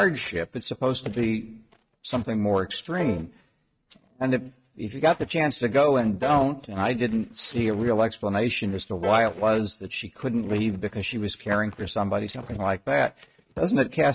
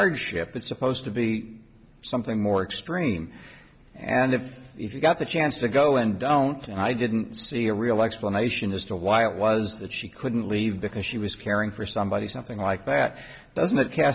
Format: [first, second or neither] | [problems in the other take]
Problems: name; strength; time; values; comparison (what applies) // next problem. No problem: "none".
second | noise reduction (neural mask model RNNoise)